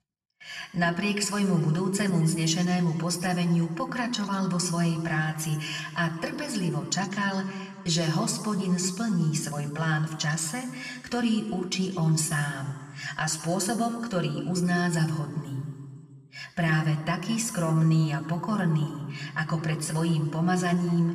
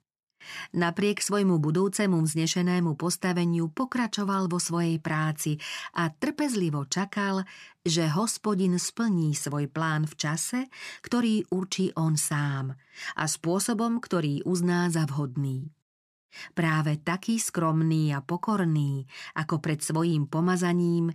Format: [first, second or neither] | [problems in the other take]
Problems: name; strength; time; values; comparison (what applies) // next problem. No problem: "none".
second | room echo; slight; dies away in 1.4 s // off-mic speech; somewhat distant